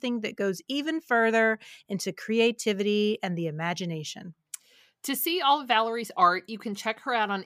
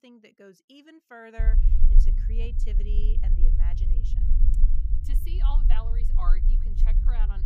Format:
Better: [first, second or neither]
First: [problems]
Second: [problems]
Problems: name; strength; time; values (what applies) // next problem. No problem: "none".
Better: first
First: none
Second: low rumble; loud; from 1.5 s on; 5 dB below the speech